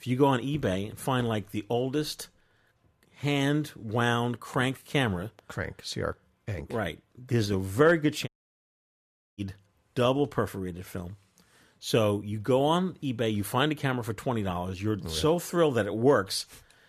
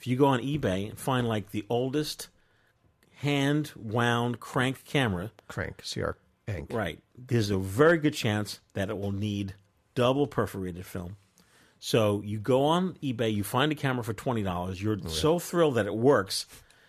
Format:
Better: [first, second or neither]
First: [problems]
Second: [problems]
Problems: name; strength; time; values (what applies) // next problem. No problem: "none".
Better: second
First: audio cutting out; at 8.5 s for 1 s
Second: none